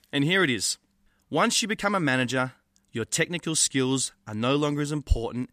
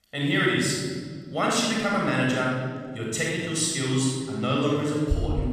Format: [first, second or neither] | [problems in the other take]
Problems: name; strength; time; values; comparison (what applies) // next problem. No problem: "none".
first | room echo; strong; dies away in 2.3 s // off-mic speech; far